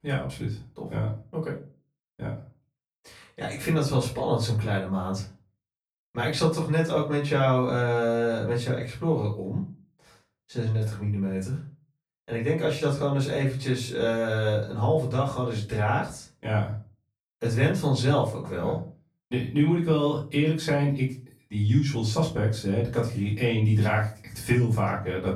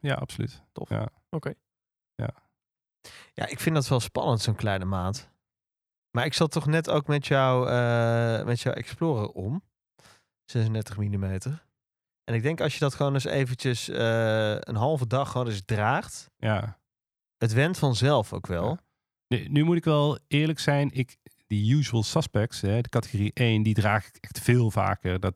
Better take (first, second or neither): second